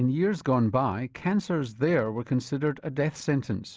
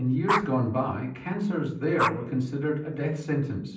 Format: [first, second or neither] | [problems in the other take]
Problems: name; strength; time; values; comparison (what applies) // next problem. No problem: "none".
first | background sound (Dog); 7 dB below the speech // room echo; dies away in 0.6 s